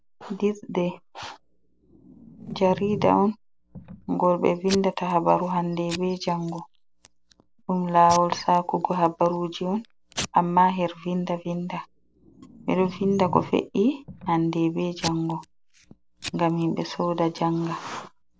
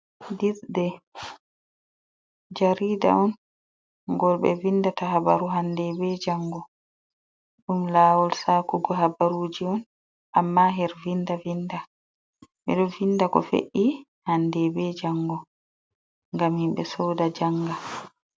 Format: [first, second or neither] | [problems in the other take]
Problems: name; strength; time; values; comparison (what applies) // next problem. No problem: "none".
second | background sound (Packing tape, duct tape / Tearing); 16 dB below the speech